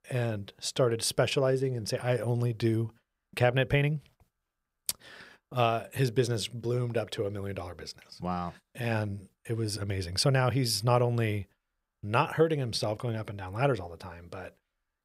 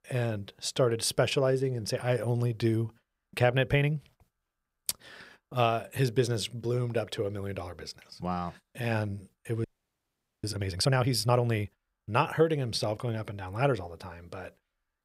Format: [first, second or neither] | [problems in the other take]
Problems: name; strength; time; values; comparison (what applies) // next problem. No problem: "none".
first | audio freezing; at 9.5 s for 1 s